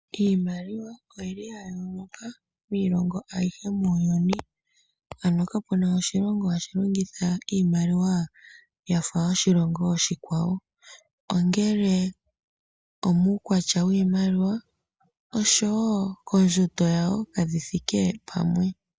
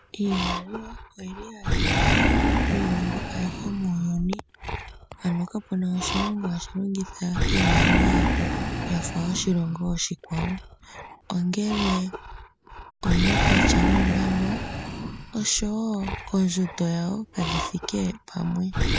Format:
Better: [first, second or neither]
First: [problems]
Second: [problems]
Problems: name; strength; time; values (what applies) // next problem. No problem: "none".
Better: first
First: none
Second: background sound (Animal); 1 dB above the speech